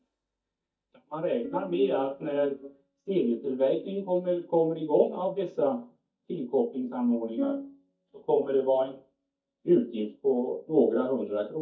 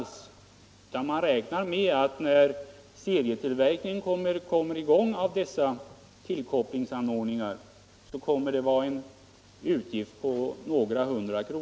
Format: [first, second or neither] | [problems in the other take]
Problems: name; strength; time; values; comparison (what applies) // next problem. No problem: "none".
second | noise reduction (neural mask model DeepFilterNet 3)